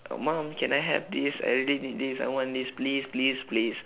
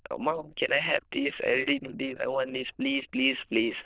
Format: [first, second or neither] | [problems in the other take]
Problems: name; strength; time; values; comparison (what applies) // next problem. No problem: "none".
first | noise reduction (neural diffusion model UNIVERSE++)